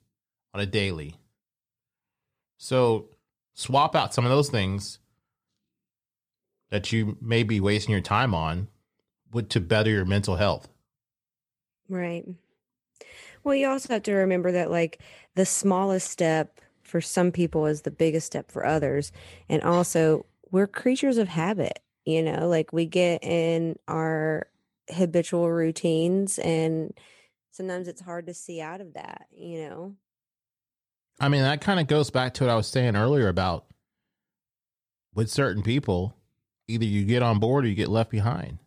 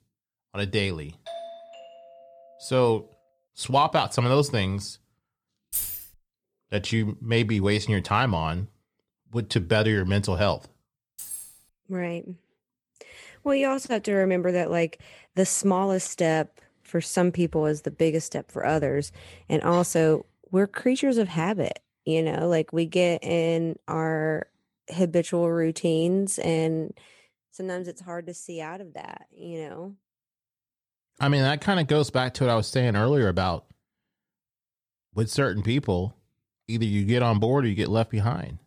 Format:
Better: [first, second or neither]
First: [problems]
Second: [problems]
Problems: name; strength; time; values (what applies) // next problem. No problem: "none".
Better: first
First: none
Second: doorbell; faint; from 1.5 to 2.5 s; peak 15 dB below the speech // jangling keys; noticeable; at 5.5 s; peak 3 dB below the speech // jangling keys; faint; at 11 s; peak 10 dB below the speech